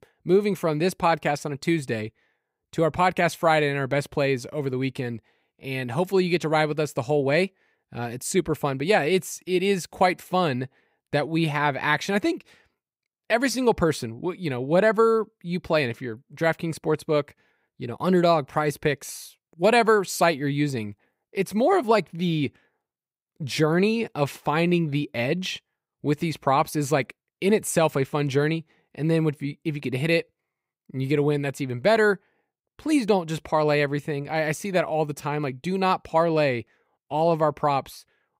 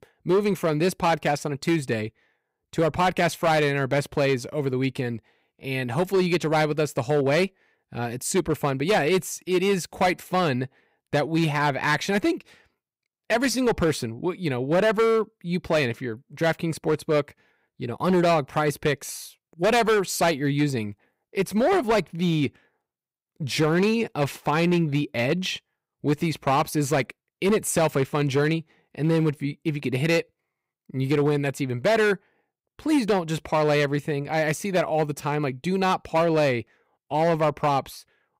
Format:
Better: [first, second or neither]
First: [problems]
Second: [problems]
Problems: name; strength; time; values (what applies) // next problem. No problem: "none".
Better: first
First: none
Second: distortion; slight; 7% of the sound clipped